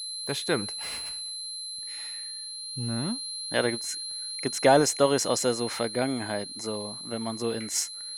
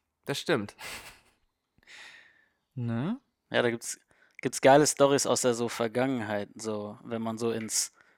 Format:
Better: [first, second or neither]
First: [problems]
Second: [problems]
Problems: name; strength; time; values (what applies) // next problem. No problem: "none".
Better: second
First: high-pitched whine; loud; throughout; 4 kHz, 6 dB below the speech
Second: none